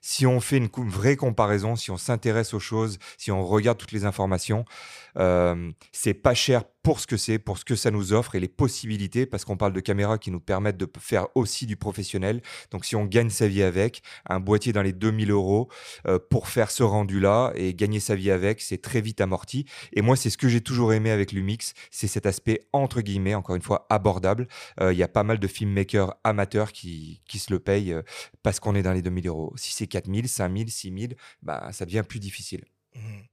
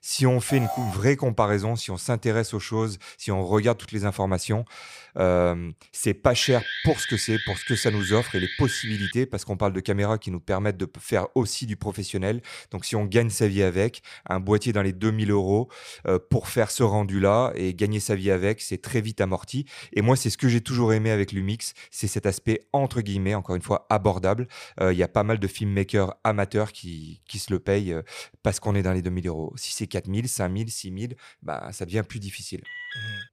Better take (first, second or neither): first